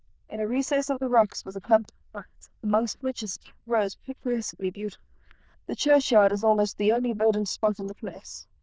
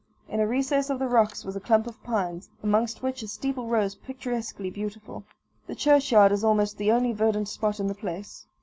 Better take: second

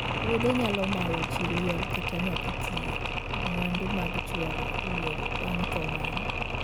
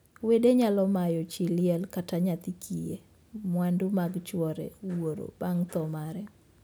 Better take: second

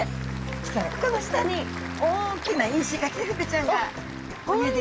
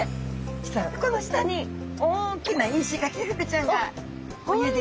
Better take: second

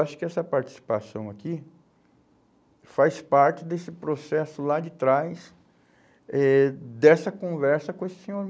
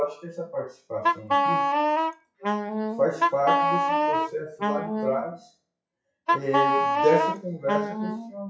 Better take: first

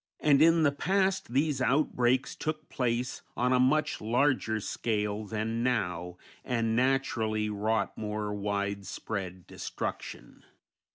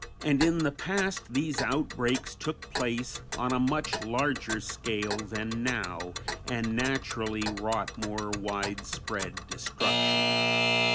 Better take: first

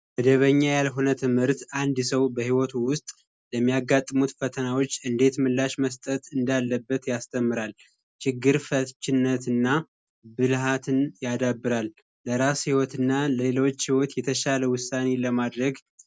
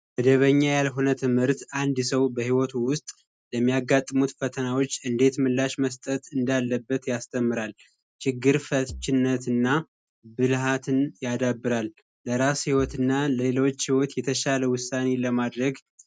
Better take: first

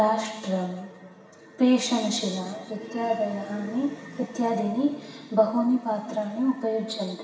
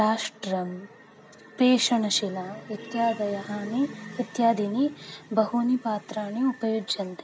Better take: second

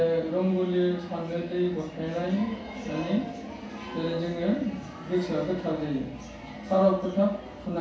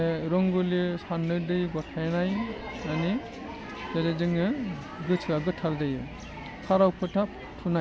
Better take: second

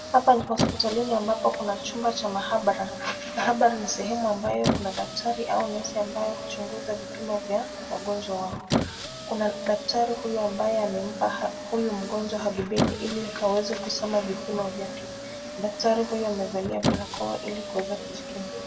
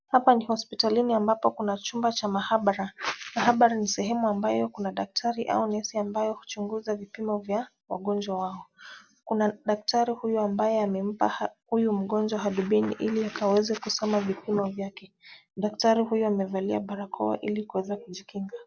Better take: second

